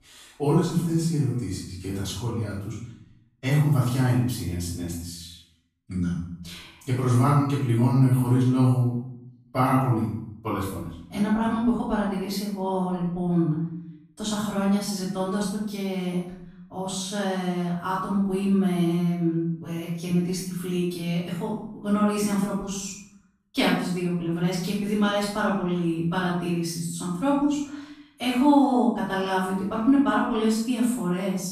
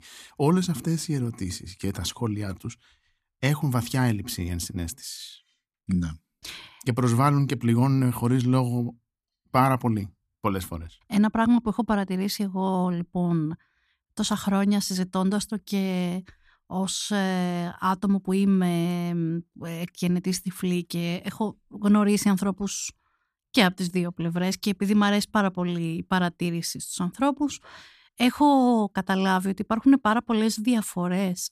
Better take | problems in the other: second | off-mic speech; far // room echo; noticeable; dies away in 0.6 s

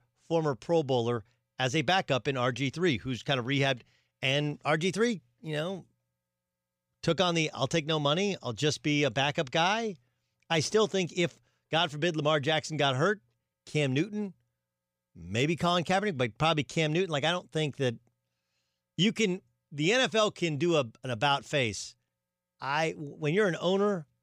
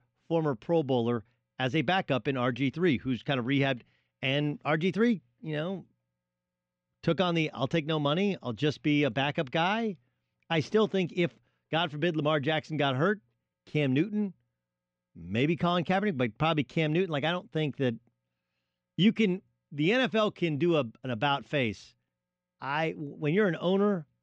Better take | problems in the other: first | muffled; slightly; fading above 2.5 kHz

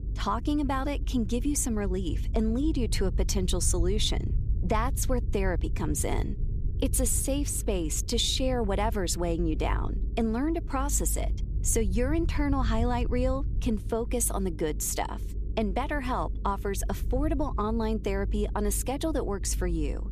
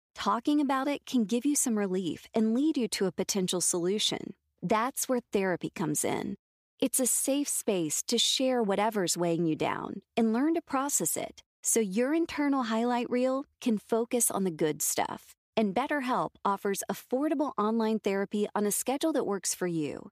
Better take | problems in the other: second | low rumble; noticeable; throughout; 20 dB below the speech

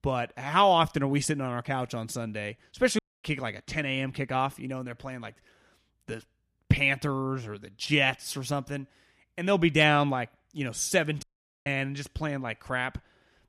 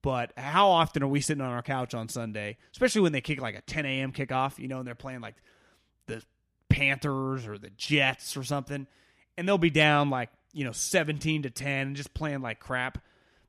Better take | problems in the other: second | audio cutting out; at 3 s and at 11 s

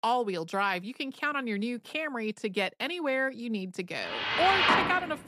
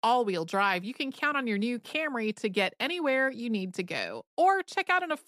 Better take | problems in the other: second | machinery noise; very loud; from 4 s on; 5 dB above the speech

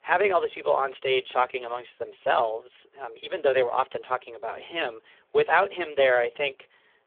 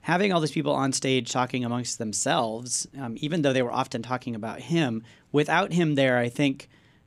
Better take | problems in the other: second | phone-call audio; poor line; nothing above 3.5 kHz

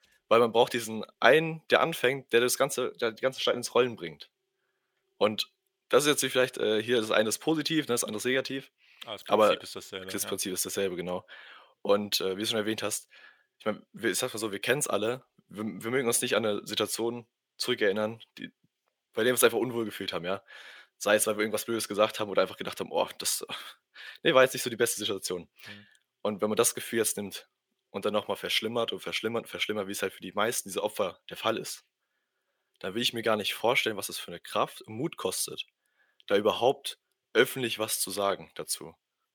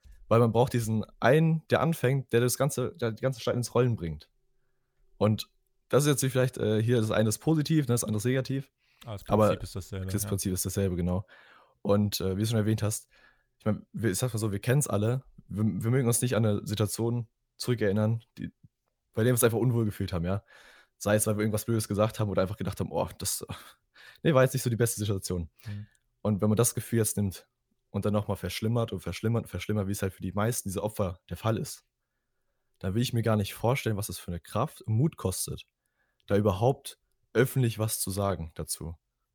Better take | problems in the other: second | thin; somewhat; fading below 350 Hz

